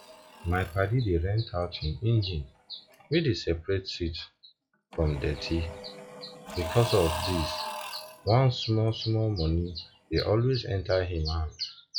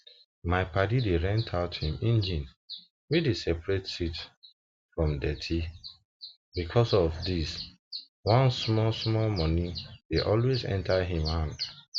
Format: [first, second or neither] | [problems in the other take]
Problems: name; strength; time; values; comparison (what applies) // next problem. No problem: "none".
second | noise reduction (classical method log-MMSE)